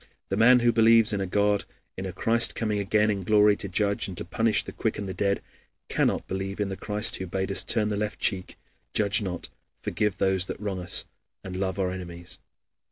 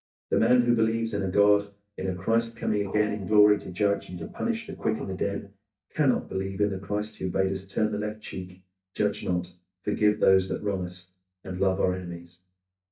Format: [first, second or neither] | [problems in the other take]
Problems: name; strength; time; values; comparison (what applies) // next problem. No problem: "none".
first | noise reduction (neural mask model DeepFilterNet 3)